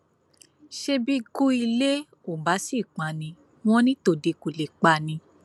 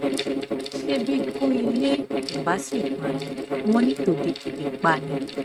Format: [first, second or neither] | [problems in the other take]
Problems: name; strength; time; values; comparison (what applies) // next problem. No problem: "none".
first | noise reduction (neural mask model RNNoise)